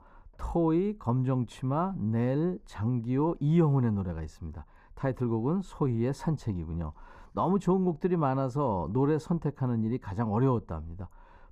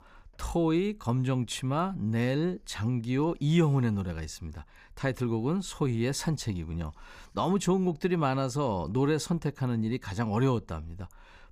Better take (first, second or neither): second